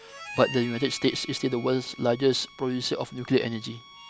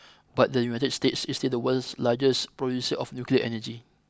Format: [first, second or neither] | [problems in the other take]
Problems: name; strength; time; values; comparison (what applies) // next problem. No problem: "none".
second | background sound (Harmonica); 16 dB below the speech